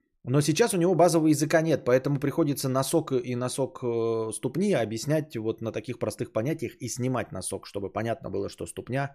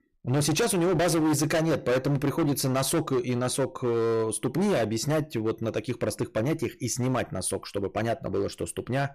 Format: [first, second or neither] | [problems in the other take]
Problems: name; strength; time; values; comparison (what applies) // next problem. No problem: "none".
first | distortion; heavy; 17% of the sound clipped